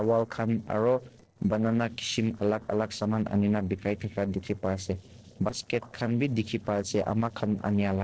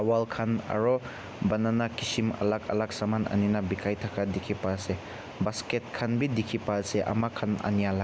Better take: second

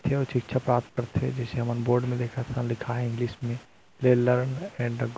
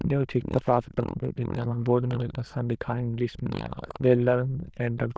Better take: first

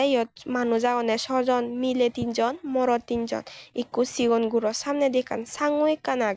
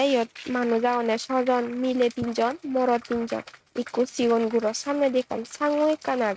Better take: first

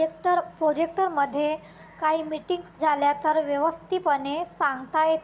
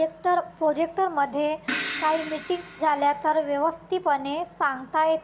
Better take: first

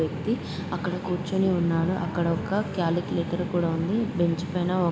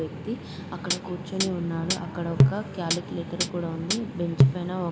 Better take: first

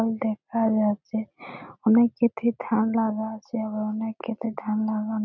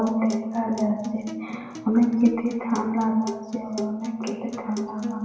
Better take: first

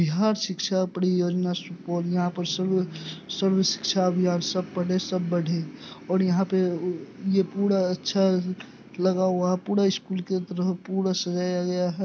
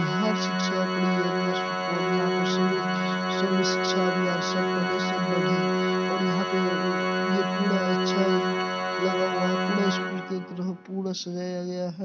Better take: first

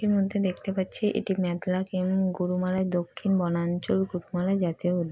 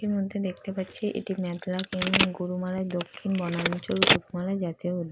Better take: first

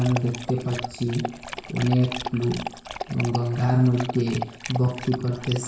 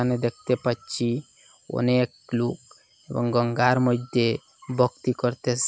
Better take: second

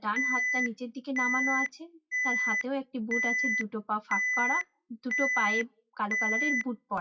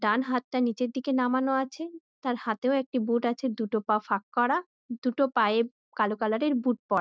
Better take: second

